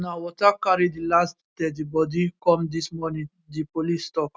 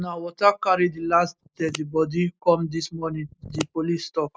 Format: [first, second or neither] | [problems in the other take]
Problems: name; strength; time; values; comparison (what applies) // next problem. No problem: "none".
first | noise reduction (neural mask model Resemble Enhance denoiser)